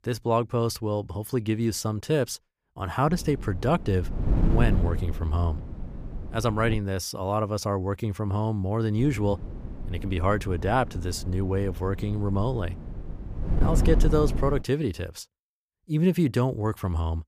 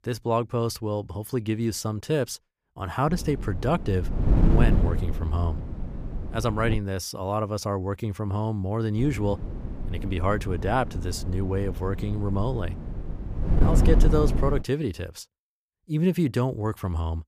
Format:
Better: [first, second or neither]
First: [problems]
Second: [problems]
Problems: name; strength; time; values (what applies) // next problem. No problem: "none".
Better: first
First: wind noise on the microphone; occasional gusts; from 3 to 7 s and from 9 to 15 s; 10 dB below the speech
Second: wind noise on the microphone; heavy; from 3 to 7 s and from 9 to 15 s; 8 dB below the speech